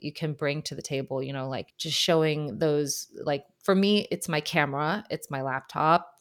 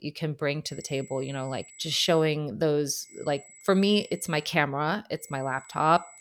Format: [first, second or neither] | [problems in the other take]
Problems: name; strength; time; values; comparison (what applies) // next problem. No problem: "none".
first | high-pitched whine; faint; from 0.5 to 2 s, from 3 to 4.5 s and from 5 s on; 8 kHz, 20 dB below the speech